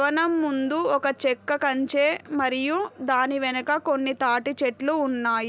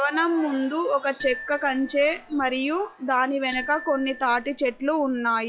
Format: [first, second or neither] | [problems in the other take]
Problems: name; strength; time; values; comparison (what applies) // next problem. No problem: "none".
first | noise reduction (classical method log-MMSE)